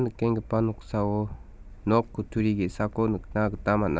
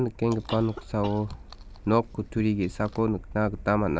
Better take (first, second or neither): first